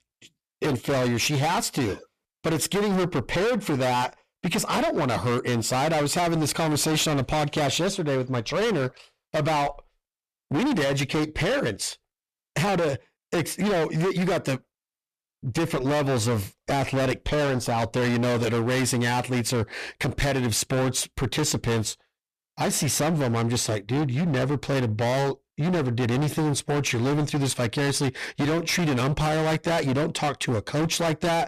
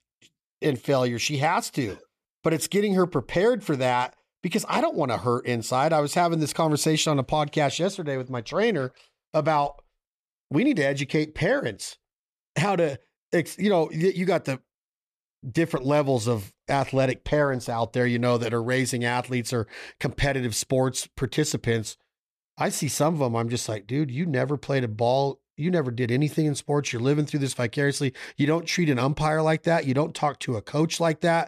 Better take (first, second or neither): second